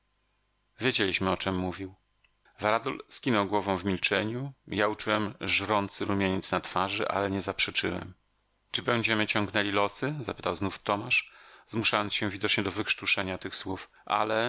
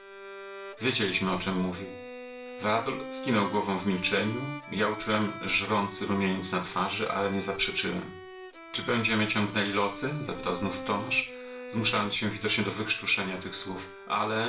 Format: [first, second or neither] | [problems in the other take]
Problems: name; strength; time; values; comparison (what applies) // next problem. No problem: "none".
first | background sound (Bowed string instrument); 12 dB below the speech // room echo; dies away in 0.3 s